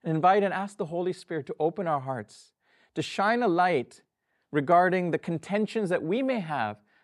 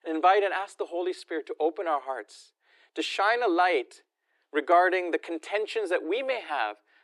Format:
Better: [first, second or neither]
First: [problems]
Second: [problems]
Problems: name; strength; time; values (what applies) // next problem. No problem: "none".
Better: first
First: none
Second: thin; very; fading below 300 Hz